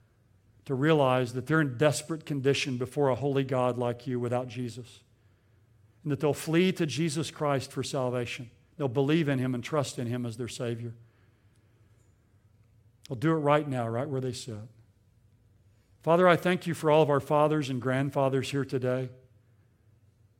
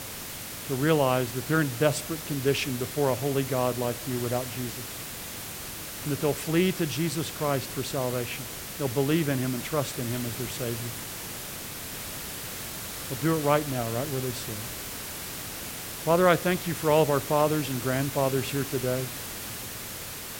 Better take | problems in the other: first | hiss; loud; throughout; 7 dB below the speech

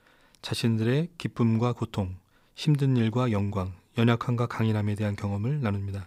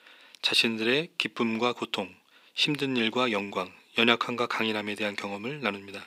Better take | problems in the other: first | thin; somewhat; fading below 250 Hz

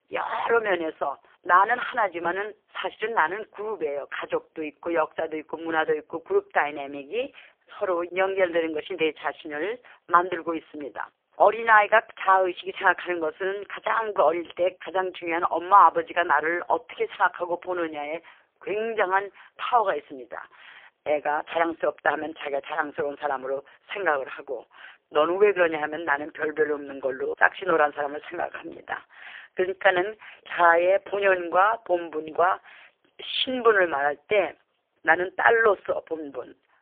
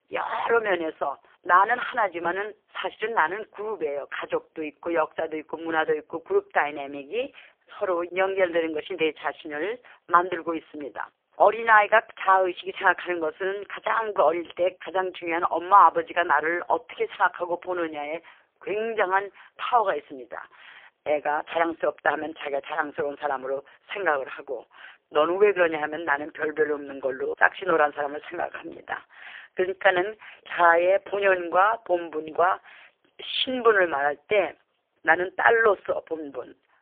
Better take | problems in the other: neither | phone-call audio; poor line; the same in both

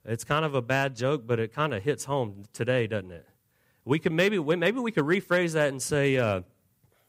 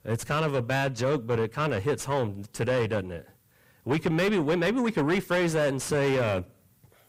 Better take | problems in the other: first | distortion; heavy; 7 dB below the speech

